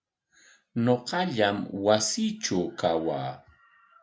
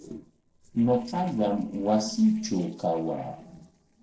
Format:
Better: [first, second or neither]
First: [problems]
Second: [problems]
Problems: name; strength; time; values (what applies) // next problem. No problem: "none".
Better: first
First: none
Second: noise reduction (neural separator model SepFormer DNS4)